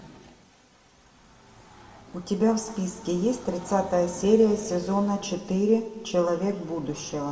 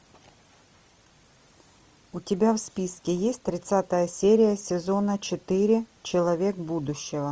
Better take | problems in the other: second | background sound (Train); 20 dB below the speech // room echo; dies away in 1.7 s

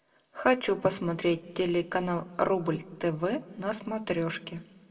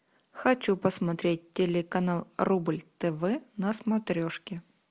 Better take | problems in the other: second | room echo; dies away in 0.8 s

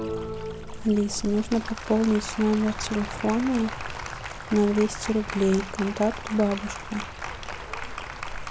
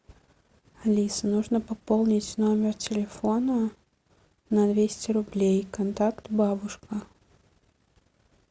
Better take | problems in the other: second | background sound (Applause + Stream); 8 dB below the speech

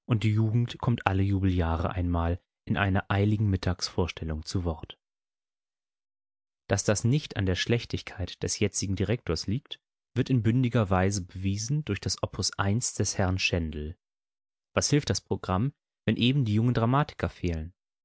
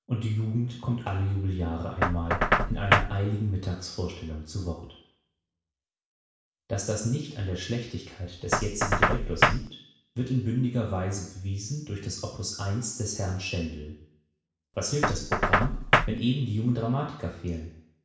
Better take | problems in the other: first | background sound (Knock); 1 dB below the speech // room echo; dies away in 0.7 s

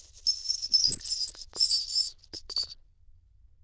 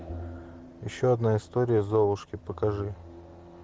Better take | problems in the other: second | noise reduction (neural diffusion model UNIVERSE++)

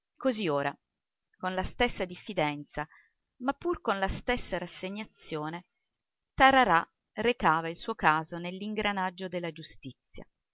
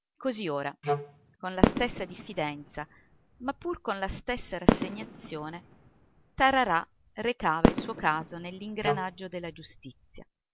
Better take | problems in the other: first | background sound (Wind instrument, woodwind instrument + Fireworks); 1 dB above the speech

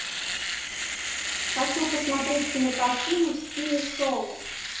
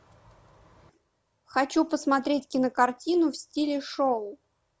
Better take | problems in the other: second | background sound (Domestic sounds, home sounds); 3 dB below the speech // room echo; dies away in 0.7 s

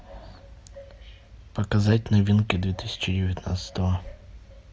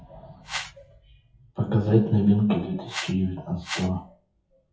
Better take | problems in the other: first | noise reduction (classical method WPE with log-MMSE)

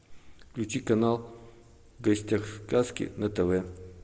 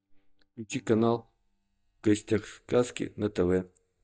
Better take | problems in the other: first | noise reduction (neural mask model DeepFilterNet 3)

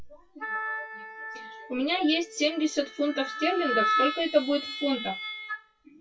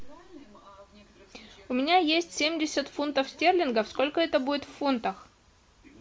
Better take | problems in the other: second | noise reduction (classical method WPE with log-MMSE)

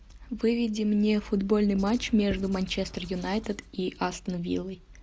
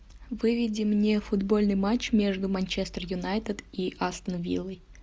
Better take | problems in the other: second | background sound (Writing); 16 dB below the speech

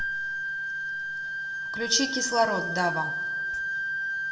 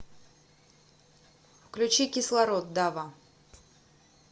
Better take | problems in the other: second | background sound (Wind instrument, woodwind instrument); as loud as the speech // room echo; dies away in 1.1 s

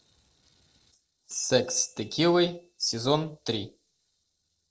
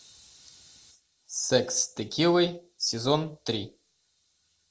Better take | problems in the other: second | noise reduction (neural separator model SepFormer DNS4)

